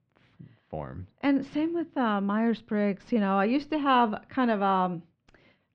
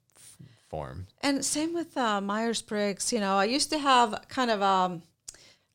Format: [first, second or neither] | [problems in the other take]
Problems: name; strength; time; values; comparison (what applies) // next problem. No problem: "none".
second | muffled; very; fading above 3 kHz